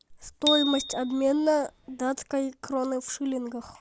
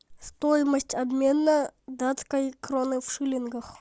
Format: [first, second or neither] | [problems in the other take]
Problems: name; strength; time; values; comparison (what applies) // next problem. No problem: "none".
second | background sound (Bicycle bell); 6 dB below the speech